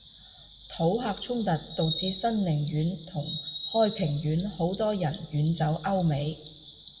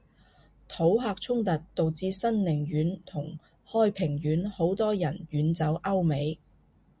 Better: second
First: background sound (Bird vocalization, bird call, bird song); 12 dB below the speech // room echo; dies away in 1 s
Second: none

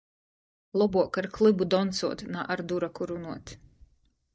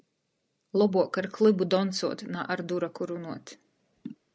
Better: second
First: noise reduction (neural mask model DeepFilterNet 3)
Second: none

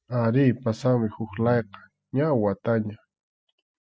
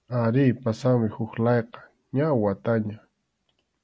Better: second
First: noise reduction (classical method spectral subtraction)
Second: none

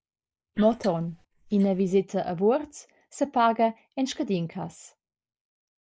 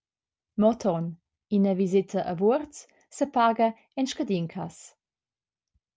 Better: second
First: noise reduction (neural mask model Resemble Enhance denoiser)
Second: none

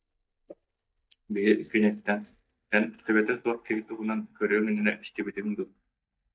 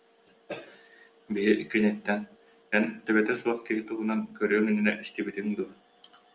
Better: second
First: noise reduction (neural mask model DeepFilterNet 3)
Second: none

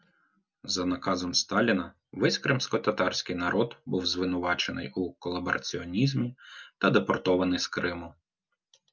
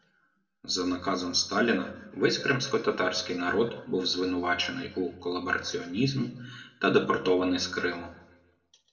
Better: first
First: none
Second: room echo; dies away in 0.7 s

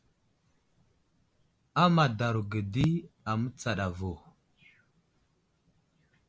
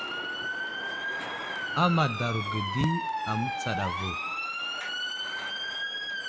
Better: first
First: none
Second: background sound (Motor vehicle (road) / Siren); as loud as the speech

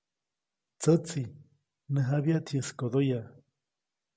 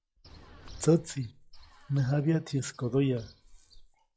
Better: first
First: none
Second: noise reduction (classical method log-MMSE)

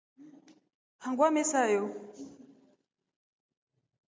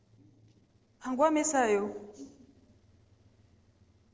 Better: first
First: none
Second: noise reduction (neural separator model SepFormer DNS4)

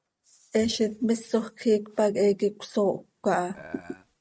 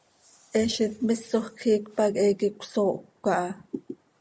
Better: second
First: noise reduction (neural mask model RNNoise)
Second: none

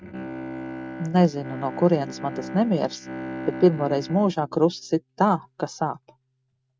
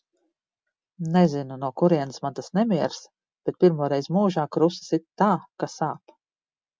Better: second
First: noise reduction (neural mask model RNNoise)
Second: none

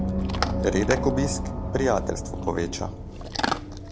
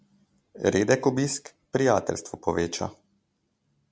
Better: second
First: background sound (Chewing, mastication / Dog + Gong); as loud as the speech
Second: none

